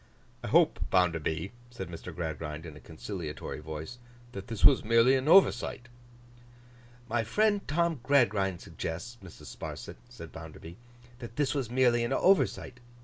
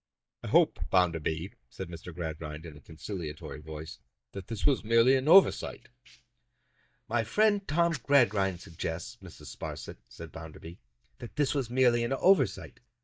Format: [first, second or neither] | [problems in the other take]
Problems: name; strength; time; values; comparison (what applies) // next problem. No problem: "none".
first | noise reduction (neural mask model DeepFilterNet 3)